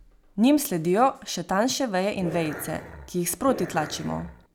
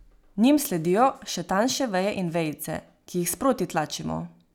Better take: second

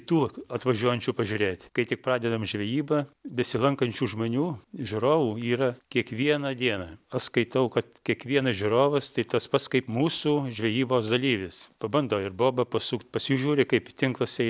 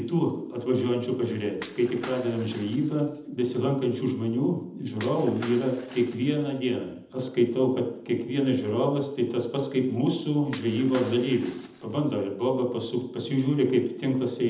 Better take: first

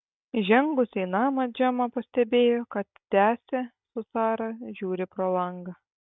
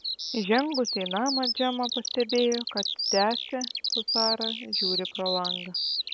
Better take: first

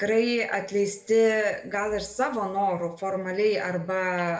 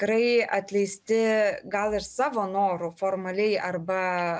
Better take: second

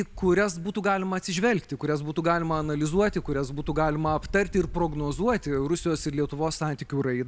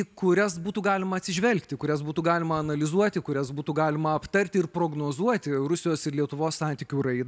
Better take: second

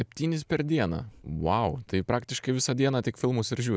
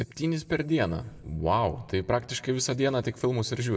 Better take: first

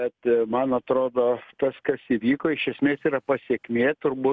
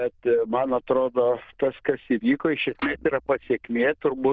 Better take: first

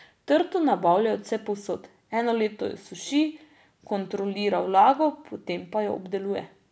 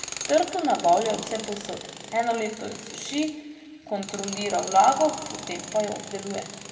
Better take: first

